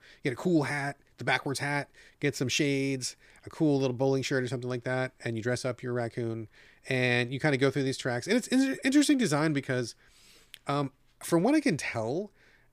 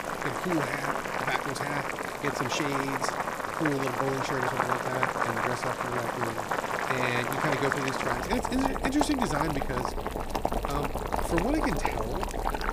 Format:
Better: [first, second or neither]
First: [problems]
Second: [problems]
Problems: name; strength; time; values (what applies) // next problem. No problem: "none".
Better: first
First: none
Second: household noises; very loud; throughout; 2 dB above the speech